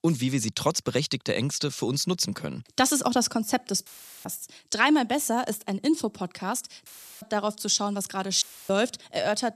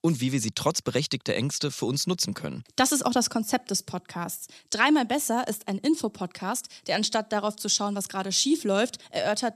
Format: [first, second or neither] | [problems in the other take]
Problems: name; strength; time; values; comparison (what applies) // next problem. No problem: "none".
second | audio cutting out; filled with static; at 4 s, at 7 s and at 8.5 s